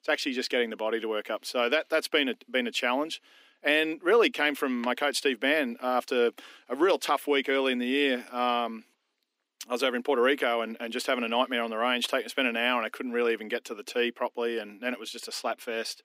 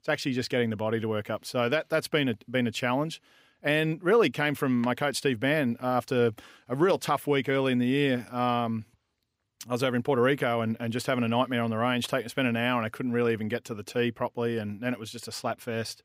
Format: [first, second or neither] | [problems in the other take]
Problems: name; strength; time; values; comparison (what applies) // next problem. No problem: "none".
second | thin; very slightly; fading below 250 Hz